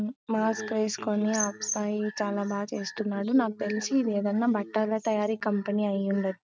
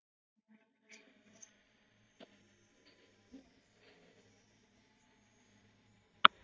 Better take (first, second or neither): first